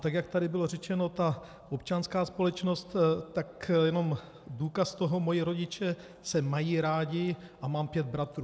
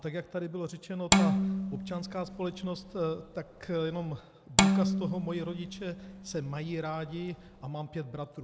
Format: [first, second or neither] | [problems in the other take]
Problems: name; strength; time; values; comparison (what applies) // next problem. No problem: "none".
first | background sound (Bowed string instrument); 4 dB above the speech